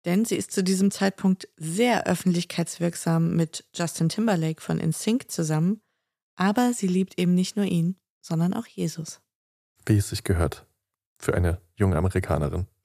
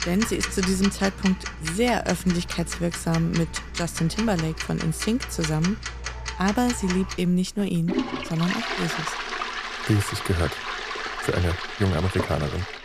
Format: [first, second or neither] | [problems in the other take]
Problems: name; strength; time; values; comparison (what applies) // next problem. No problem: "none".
first | household noises; loud; throughout; 5 dB below the speech